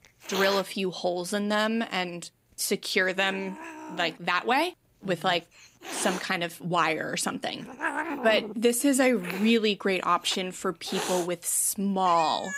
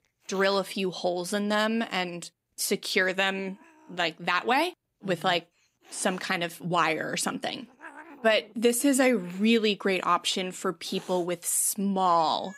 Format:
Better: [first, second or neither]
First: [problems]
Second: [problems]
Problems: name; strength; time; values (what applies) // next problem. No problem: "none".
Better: second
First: hiss; loud; throughout; 9 dB below the speech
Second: hiss; faint; throughout; 25 dB below the speech